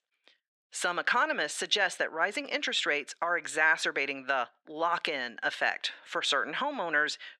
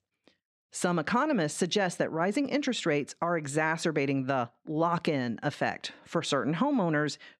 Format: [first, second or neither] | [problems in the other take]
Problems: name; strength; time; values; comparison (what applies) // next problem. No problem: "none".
second | thin; very; fading below 550 Hz